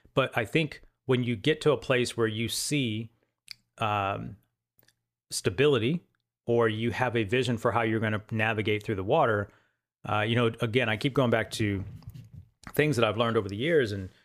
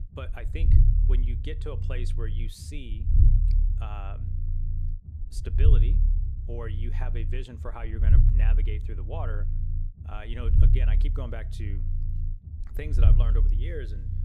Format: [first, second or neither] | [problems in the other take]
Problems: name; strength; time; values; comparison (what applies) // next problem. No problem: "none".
first | low rumble; loud; throughout; 3 dB below the speech